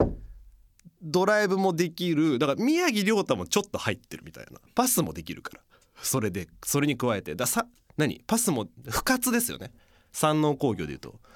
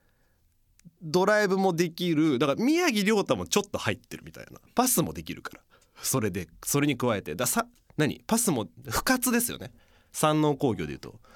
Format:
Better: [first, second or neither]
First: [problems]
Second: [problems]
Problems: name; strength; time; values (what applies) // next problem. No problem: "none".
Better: second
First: door banging; noticeable; at the start; peak 3 dB below the speech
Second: none